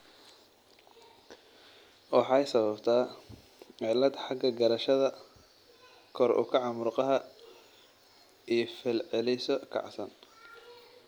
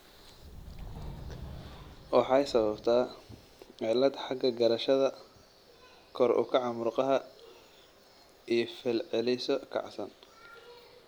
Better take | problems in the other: first | background sound (Subway, metro, underground); 19 dB below the speech

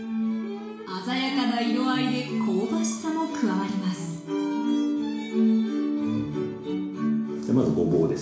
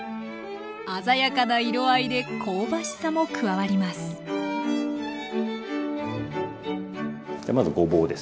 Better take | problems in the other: second | room echo; dies away in 0.7 s

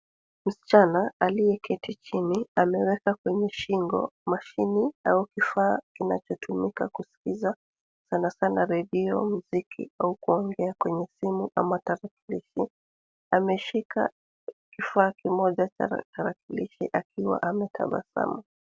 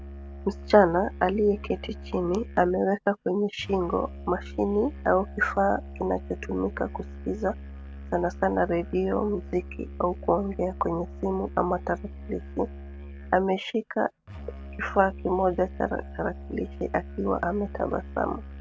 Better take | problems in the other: first | background sound (Musical instrument); 12 dB below the speech

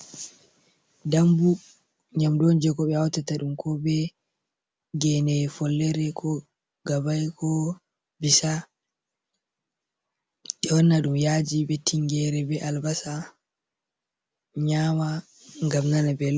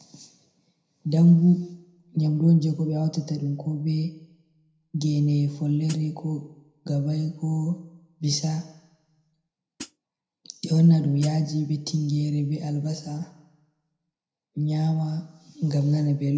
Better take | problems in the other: first | background sound (Hi-hat); 17 dB below the speech // room echo; dies away in 0.8 s

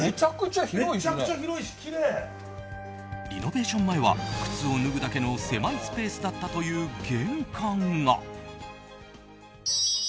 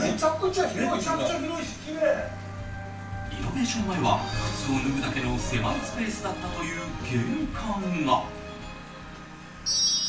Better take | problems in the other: first | background sound (Engine); 16 dB below the speech // room echo; dies away in 0.3 s

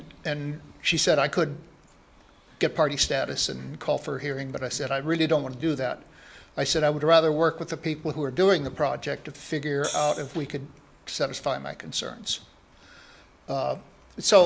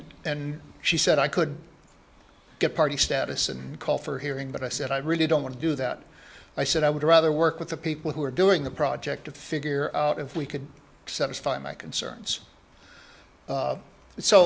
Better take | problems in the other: second | background sound (Hi-hat); 10 dB below the speech

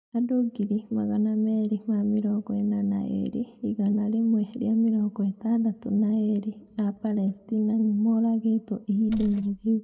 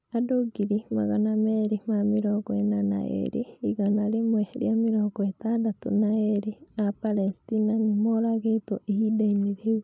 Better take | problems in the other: second | noise reduction (neural mask model DeepFilterNet 3)

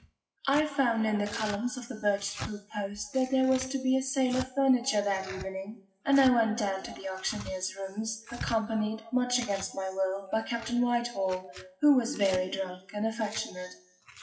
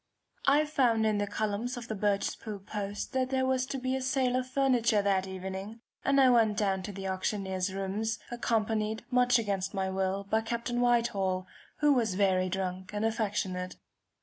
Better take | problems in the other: second | noise reduction (classical method WPE with log-MMSE)

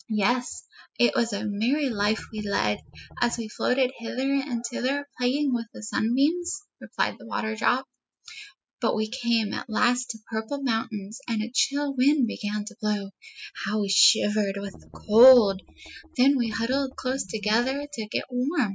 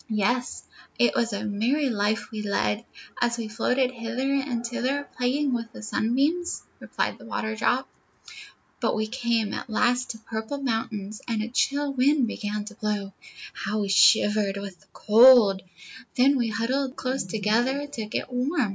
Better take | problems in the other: second | noise reduction (classical method spectral subtraction)

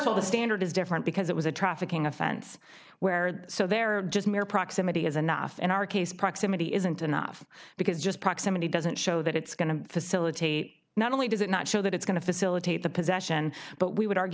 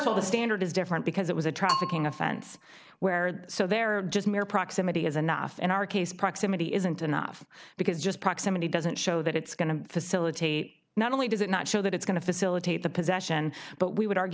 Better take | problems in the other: first | background sound (Bell / Percussion); 10 dB below the speech

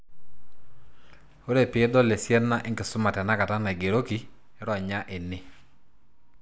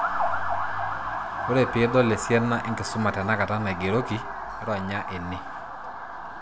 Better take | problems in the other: first | background sound (Motor vehicle (road) / Siren); 5 dB below the speech

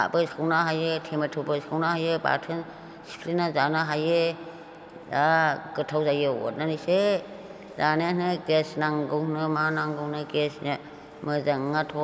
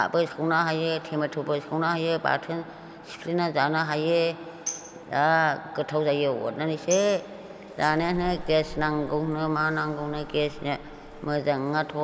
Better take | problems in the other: first | background sound (Tambourine + Bus / Engine); 15 dB below the speech

